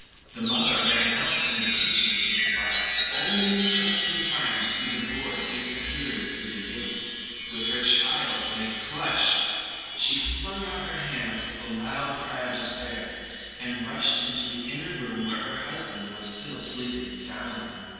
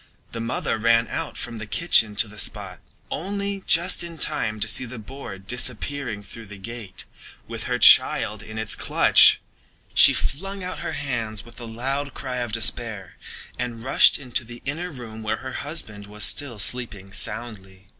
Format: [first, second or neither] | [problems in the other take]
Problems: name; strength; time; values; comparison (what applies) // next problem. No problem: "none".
second | background sound (Chime); 1 dB below the speech // room echo; dies away in 2.1 s